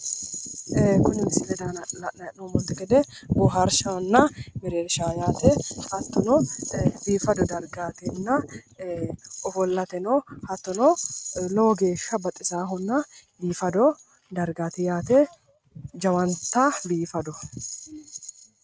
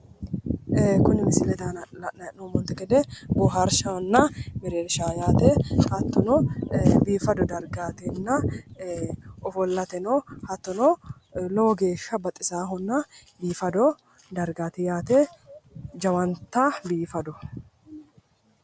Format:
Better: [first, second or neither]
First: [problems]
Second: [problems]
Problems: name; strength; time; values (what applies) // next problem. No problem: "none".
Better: second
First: noise reduction (neural mask model RNNoise)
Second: none